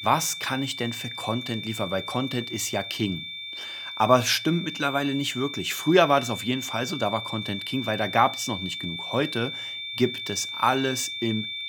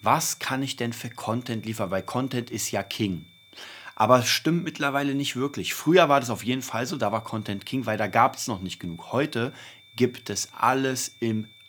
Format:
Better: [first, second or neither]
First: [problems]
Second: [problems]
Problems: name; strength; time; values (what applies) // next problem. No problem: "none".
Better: second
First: high-pitched whine; loud; throughout; 3.5 kHz, 7 dB below the speech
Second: high-pitched whine; faint; throughout; 3.5 kHz, 25 dB below the speech